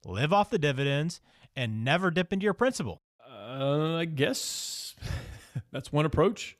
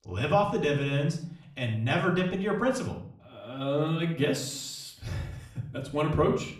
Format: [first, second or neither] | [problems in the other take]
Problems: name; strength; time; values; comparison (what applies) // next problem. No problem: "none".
first | off-mic speech; far // room echo; slight; dies away in 0.5 s